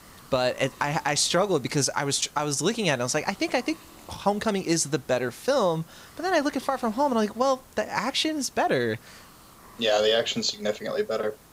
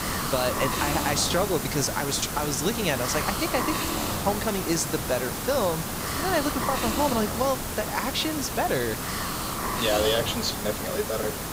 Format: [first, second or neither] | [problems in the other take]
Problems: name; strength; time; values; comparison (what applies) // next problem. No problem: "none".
first | hiss; loud; throughout; 1 dB below the speech; faint in the first